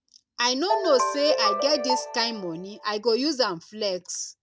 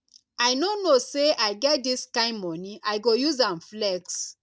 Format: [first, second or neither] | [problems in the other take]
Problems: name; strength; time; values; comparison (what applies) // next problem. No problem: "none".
second | background sound (Ringtone); 2 dB below the speech